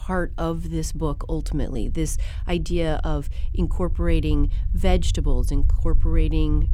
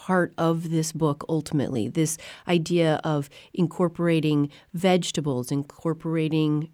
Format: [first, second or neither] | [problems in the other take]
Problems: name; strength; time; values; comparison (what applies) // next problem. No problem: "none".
second | low rumble; noticeable; throughout; 20 dB below the speech